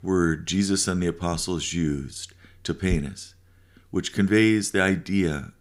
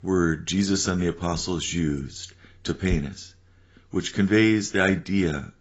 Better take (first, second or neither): first